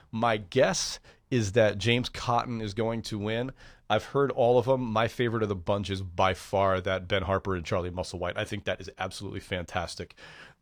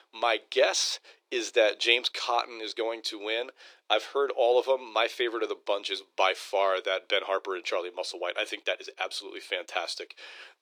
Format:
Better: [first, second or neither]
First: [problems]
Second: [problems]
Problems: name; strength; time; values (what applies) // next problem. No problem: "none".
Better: first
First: none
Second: thin; very; fading below 350 Hz